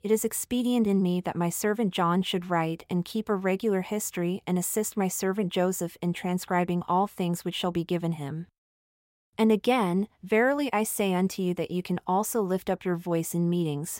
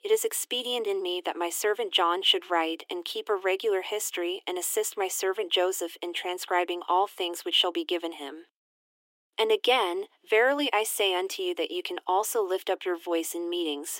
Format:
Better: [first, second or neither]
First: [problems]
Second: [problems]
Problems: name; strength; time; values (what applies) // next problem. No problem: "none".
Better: first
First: none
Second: thin; very; fading below 300 Hz